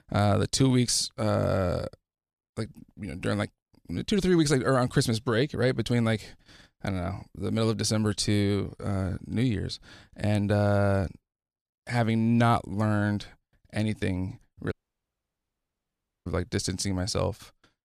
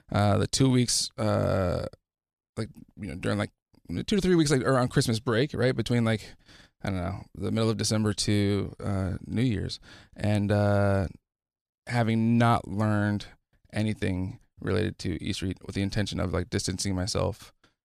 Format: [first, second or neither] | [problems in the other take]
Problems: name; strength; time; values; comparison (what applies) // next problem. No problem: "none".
second | audio cutting out; at 15 s for 1.5 s